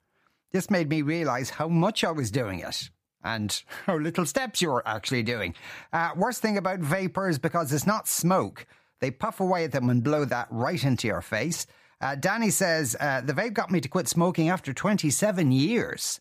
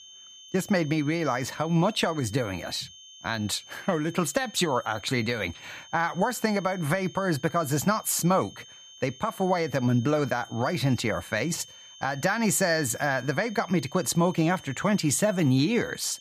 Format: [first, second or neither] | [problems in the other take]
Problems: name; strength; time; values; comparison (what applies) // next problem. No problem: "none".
first | high-pitched whine; noticeable; throughout; 3 kHz, 20 dB below the speech